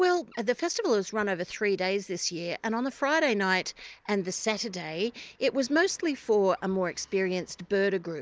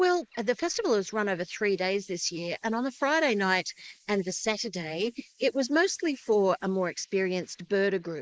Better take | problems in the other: first | noise reduction (neural mask model Resemble Enhance denoiser)

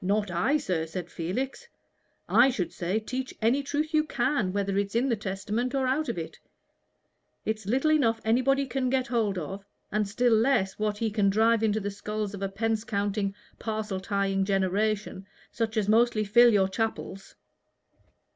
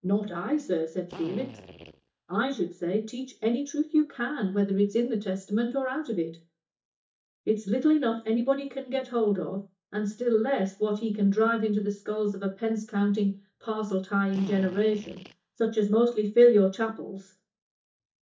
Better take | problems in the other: first | noise reduction (neural mask model DeepFilterNet 3)

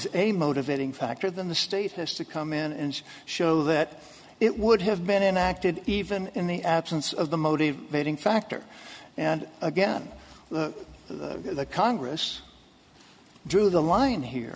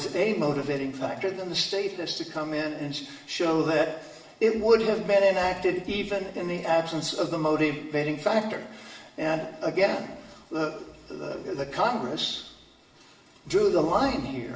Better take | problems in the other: first | room echo; dies away in 0.8 s

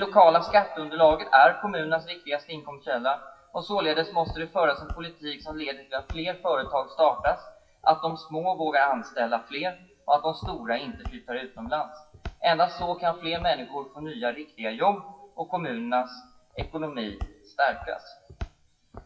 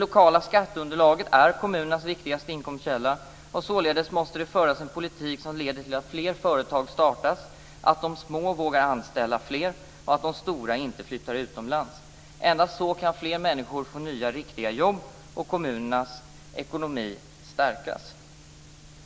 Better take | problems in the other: second | noise reduction (classical method WPE with log-MMSE)

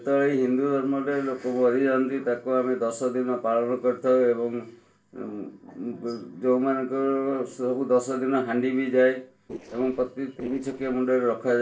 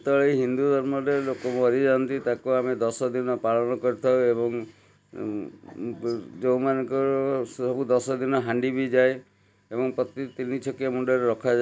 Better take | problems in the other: second | noise reduction (neural separator model SepFormer DNS4)

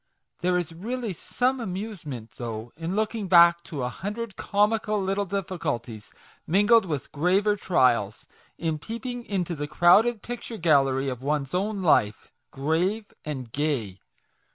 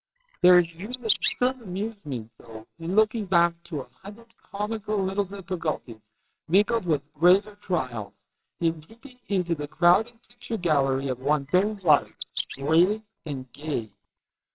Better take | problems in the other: first | noise reduction (neural separator model SepFormer WHAMR!)

